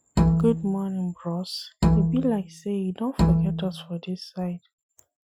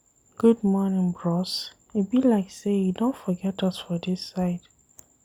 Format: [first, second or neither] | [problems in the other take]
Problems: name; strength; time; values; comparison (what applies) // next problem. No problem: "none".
second | noise reduction (classical method Wiener filter)